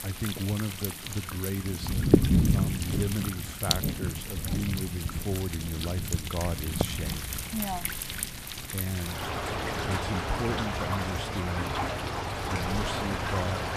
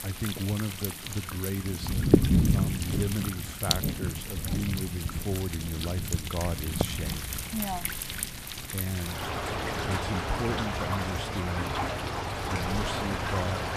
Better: neither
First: rain or running water; very loud; throughout; 4 dB above the speech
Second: rain or running water; very loud; throughout; 4 dB above the speech

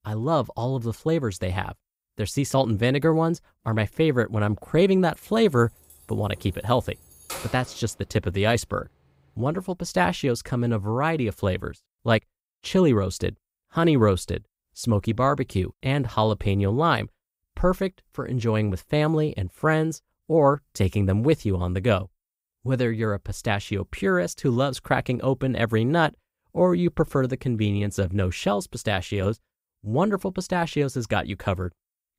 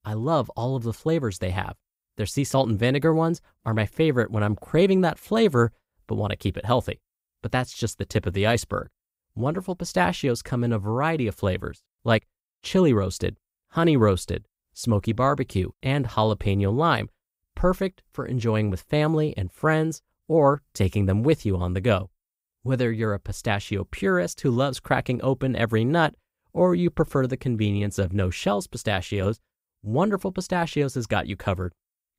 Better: second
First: jangling keys; faint; from 5 to 7.5 s; peak 10 dB below the speech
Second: none

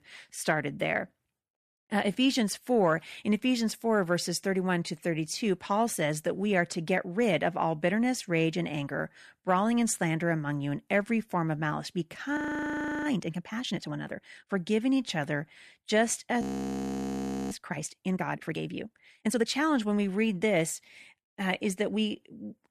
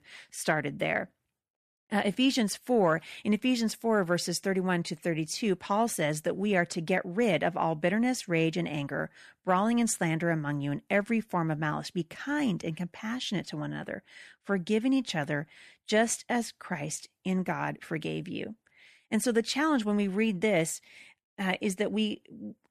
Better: second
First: audio freezing; at 12 s for 0.5 s and at 16 s for 1 s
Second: none

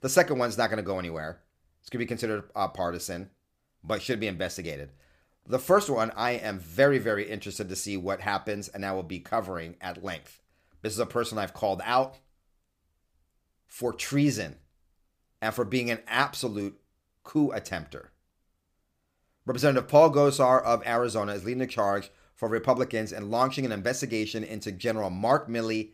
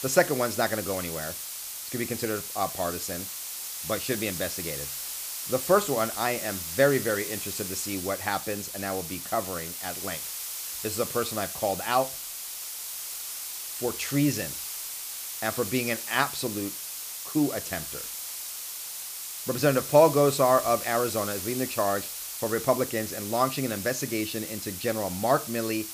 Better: first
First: none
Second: hiss; loud; throughout; 5 dB below the speech

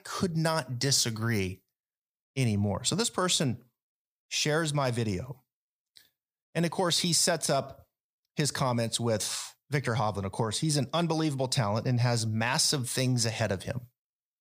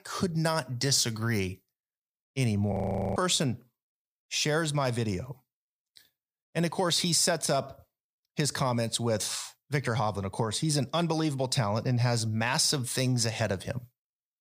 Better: first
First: none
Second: audio freezing; at 2.5 s

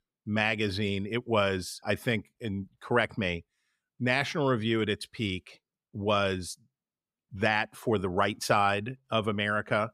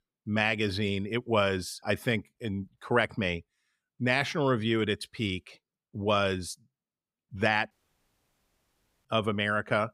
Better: first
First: none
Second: audio cutting out; at 7.5 s for 1.5 s

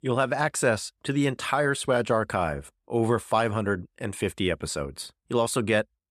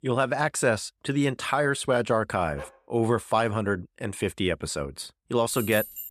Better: first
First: none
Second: dog barking; faint; at 2.5 s; peak 20 dB below the speech // jangling keys; noticeable; at 5.5 s; peak 7 dB below the speech

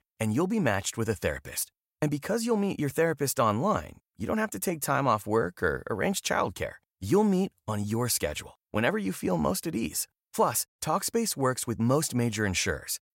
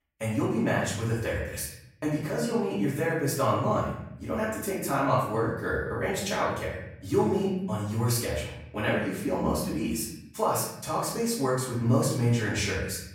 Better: first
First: none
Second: off-mic speech; far // room echo; noticeable; dies away in 0.8 s

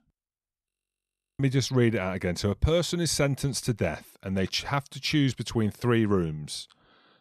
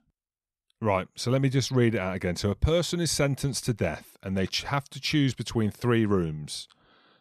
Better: second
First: audio freezing; at 0.5 s for 0.5 s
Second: none

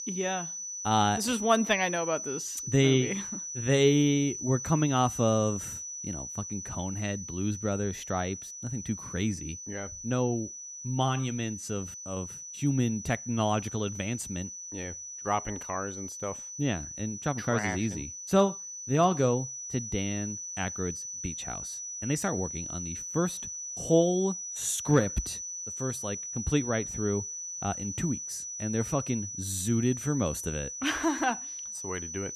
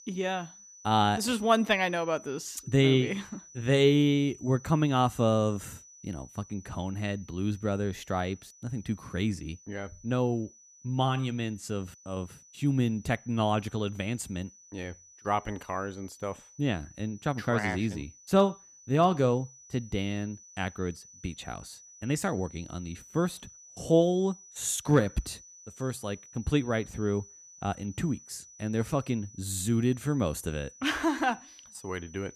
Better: second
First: high-pitched whine; loud; throughout; 6 kHz, 6 dB below the speech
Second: high-pitched whine; faint; throughout; 6 kHz, 20 dB below the speech

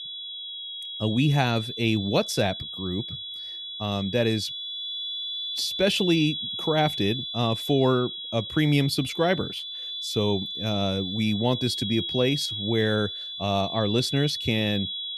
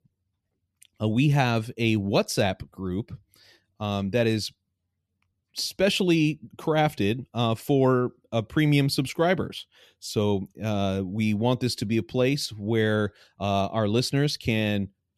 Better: second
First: high-pitched whine; loud; throughout; 3.5 kHz, 5 dB below the speech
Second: none

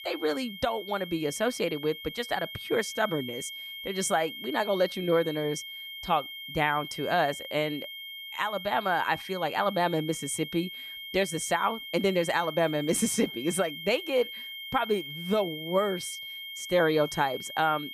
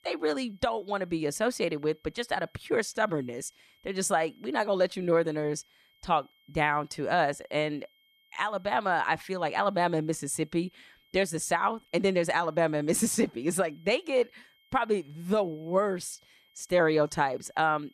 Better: second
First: high-pitched whine; loud; throughout; 3 kHz, 9 dB below the speech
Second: high-pitched whine; faint; throughout; 3 kHz, 35 dB below the speech

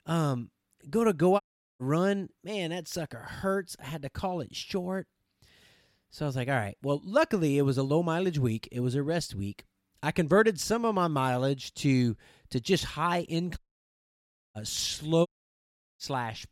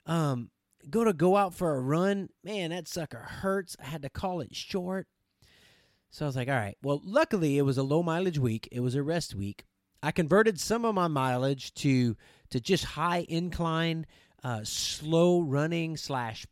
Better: second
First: audio cutting out; at 1.5 s, at 14 s for 1 s and at 15 s for 0.5 s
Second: none

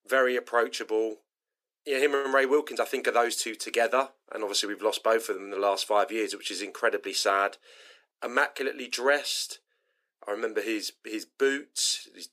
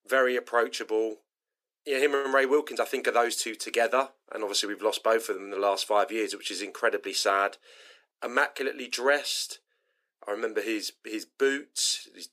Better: neither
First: thin; very; fading below 350 Hz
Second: thin; very; fading below 350 Hz

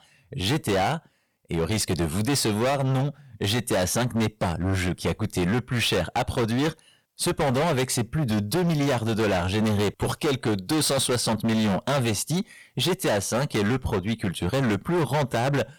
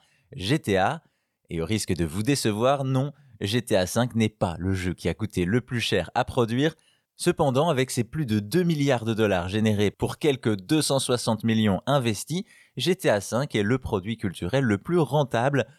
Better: second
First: distortion; heavy; 26% of the sound clipped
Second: none

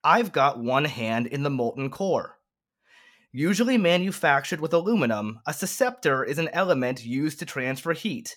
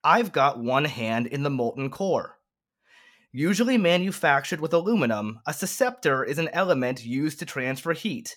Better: neither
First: none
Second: none

